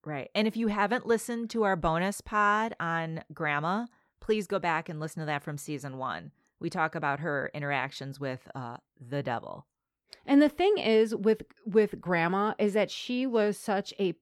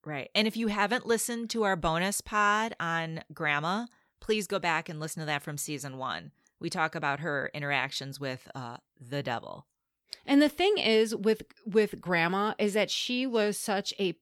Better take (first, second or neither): second